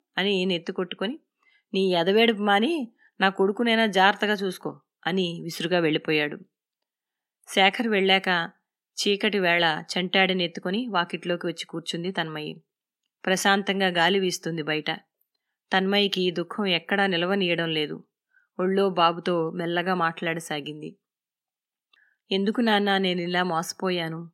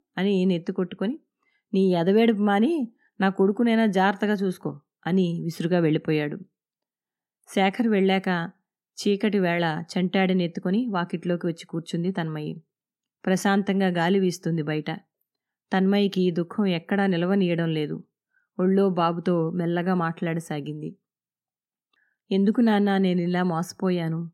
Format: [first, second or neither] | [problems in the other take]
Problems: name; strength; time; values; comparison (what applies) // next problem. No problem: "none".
second | thin; somewhat; fading below 1 kHz